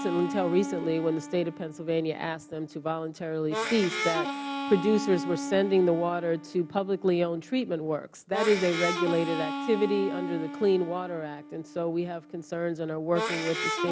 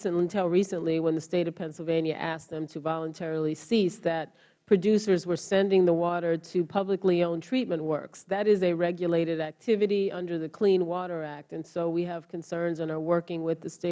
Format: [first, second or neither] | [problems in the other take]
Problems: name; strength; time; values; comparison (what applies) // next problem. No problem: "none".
second | background sound (Harmonica); 7 dB below the speech